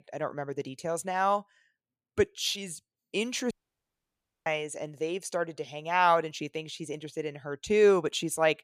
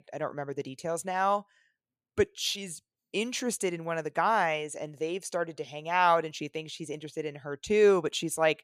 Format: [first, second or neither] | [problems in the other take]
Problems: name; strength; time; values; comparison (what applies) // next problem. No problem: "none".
second | audio cutting out; at 3.5 s for 1 s